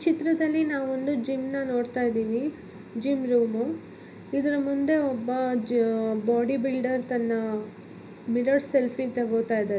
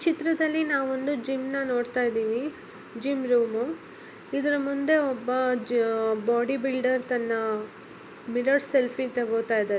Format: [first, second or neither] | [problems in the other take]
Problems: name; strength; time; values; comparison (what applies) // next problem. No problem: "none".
second | room echo; dies away in 0.5 s